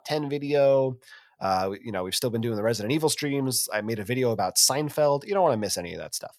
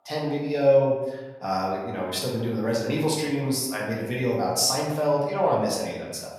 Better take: first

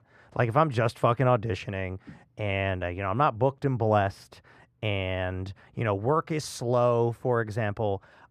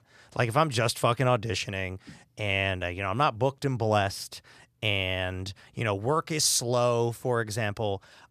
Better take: second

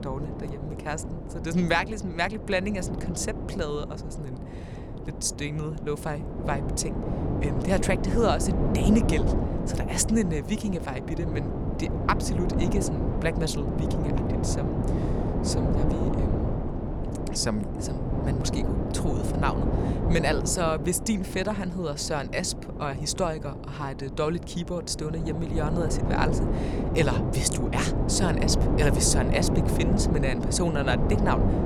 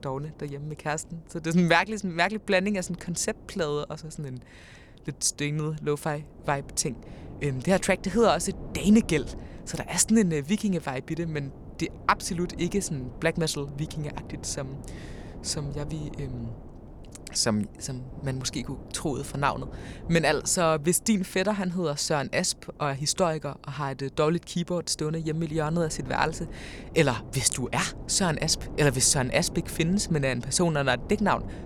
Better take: second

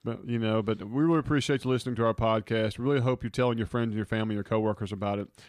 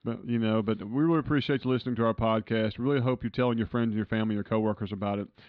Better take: first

